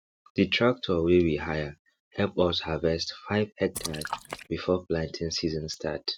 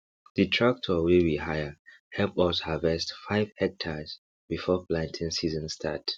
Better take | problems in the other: second | noise reduction (neural mask model RNNoise)

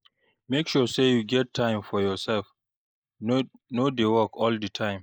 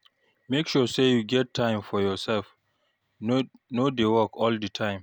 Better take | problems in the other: second | noise reduction (neural mask model Resemble Enhance denoiser)

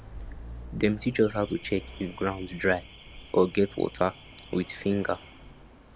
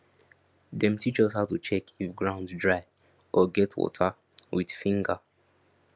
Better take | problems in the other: second | background sound (Alarm / Car); 15 dB below the speech

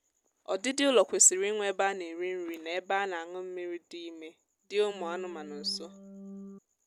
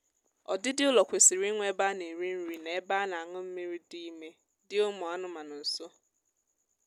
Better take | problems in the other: second | background sound (Organ); 15 dB below the speech

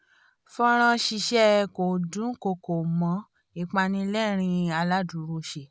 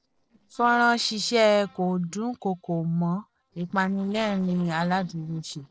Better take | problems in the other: first | noise reduction (neural separator model SepFormer DNS4)

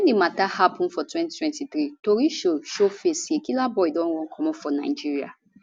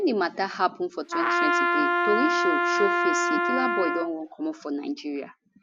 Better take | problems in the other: first | background sound (Trumpet); 4 dB above the speech

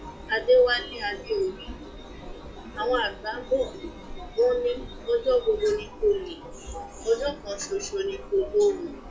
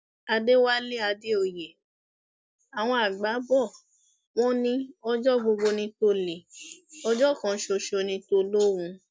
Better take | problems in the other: second | noise reduction (classical method WPE with log-MMSE)

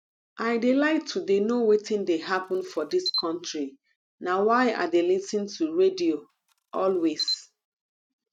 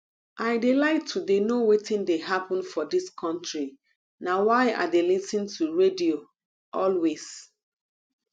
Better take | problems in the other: second | noise reduction (neural mask model RNNoise)

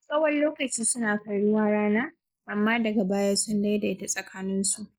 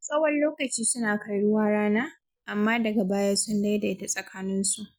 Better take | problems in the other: second | noise reduction (neural mask model Resemble Enhance denoiser)

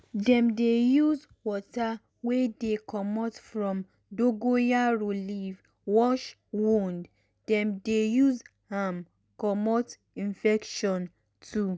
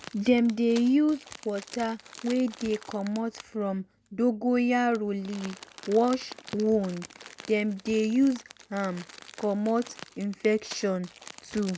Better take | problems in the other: first | background sound (Crumpling, crinkling); 19 dB below the speech

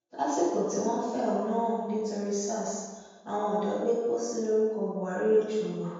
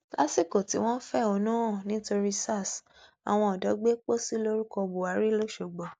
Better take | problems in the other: second | room echo; dies away in 1.2 s

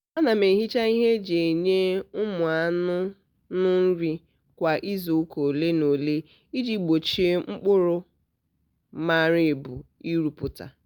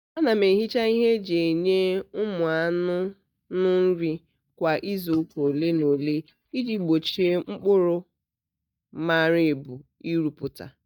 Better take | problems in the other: first | noise reduction (neural mask model DeepFilterNet 3)

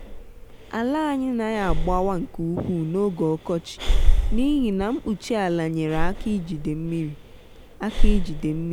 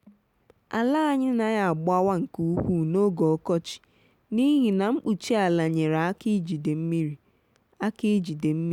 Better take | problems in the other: second | background sound (Breathing); 2 dB above the speech

